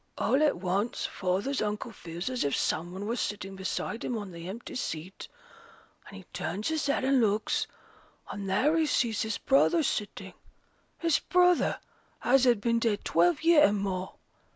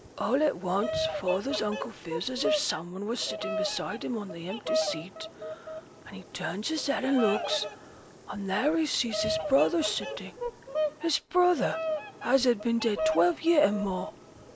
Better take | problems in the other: first | background sound (Bird vocalization, bird call, bird song); 6 dB below the speech

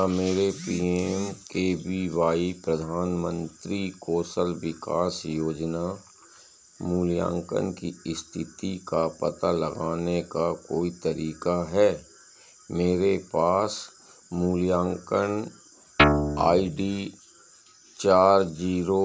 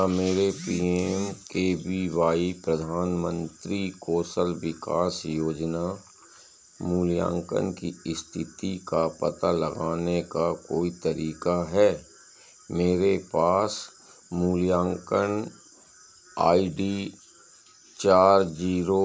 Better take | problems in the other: second | background sound (Guitar); 3 dB above the speech

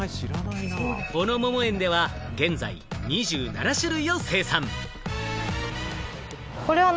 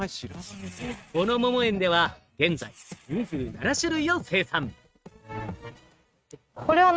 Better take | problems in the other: first | noise reduction (neural mask model RNNoise)

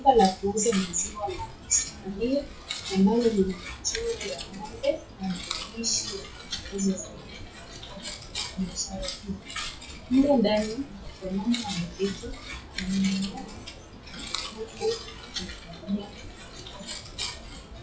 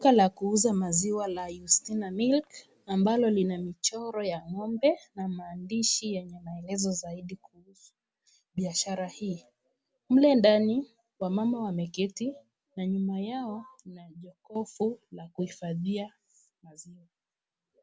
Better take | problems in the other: second | noise reduction (classical method WPE with log-MMSE)

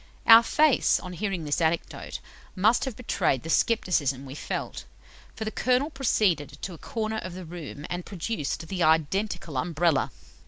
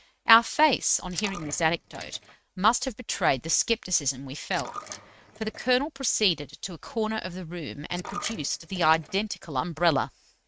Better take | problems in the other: first | noise reduction (neural mask model RNNoise)

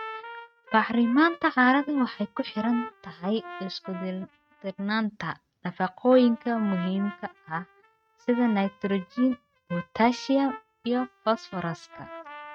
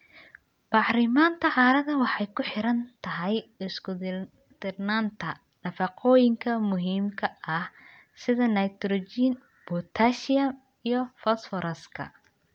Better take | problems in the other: second | noise reduction (neural mask model RNNoise)

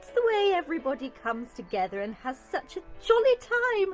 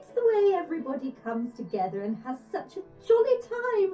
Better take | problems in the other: first | room echo; dies away in 0.3 s

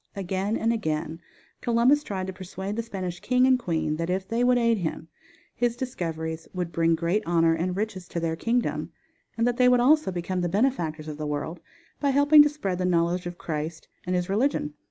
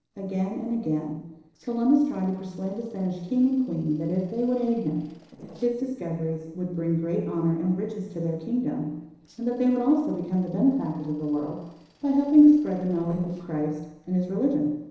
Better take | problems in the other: first | noise reduction (neural separator model SepFormer DNS4)

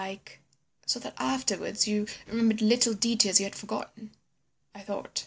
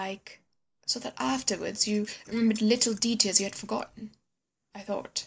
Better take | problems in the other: first | noise reduction (neural mask model Resemble Enhance denoiser)

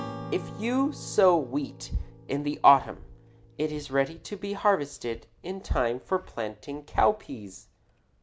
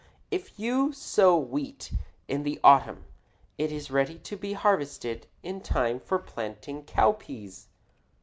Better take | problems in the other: second | background sound (Acoustic guitar / Strum); 18 dB below the speech

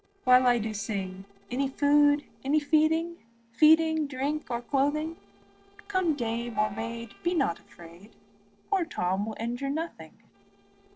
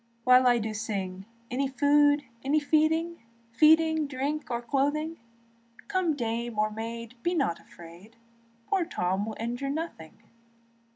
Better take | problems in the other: second | noise reduction (neural separator model SepFormer DNS4)

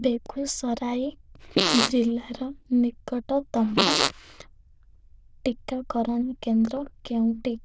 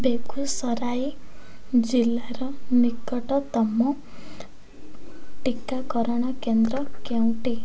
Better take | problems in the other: second | noise reduction (neural diffusion model UNIVERSE++)

